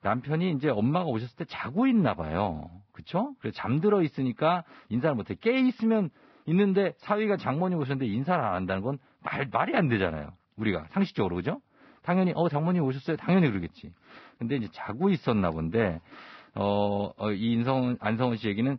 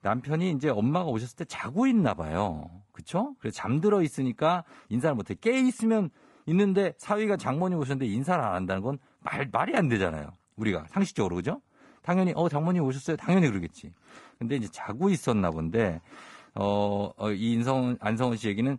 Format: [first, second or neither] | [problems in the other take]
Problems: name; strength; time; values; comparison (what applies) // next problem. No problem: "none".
second | garbled, watery; badly; slightly in the second